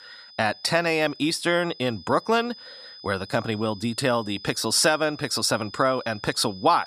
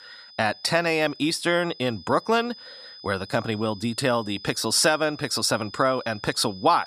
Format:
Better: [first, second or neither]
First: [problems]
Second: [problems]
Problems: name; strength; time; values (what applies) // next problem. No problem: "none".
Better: neither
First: high-pitched whine; noticeable; throughout; 5 kHz, 20 dB below the speech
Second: high-pitched whine; noticeable; throughout; 5 kHz, 20 dB below the speech